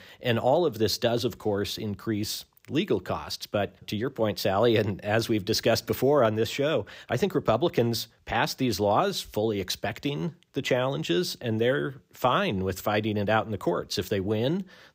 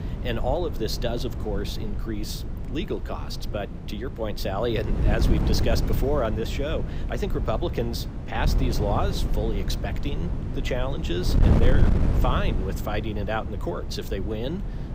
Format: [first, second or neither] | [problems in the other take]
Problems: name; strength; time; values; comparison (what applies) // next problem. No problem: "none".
first | wind noise on the microphone; heavy; 7 dB below the speech